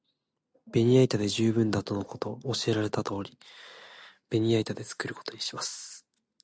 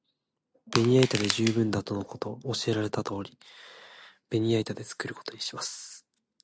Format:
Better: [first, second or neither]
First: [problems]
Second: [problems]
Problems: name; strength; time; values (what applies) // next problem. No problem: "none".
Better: first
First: none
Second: background sound (Crushing); 5 dB below the speech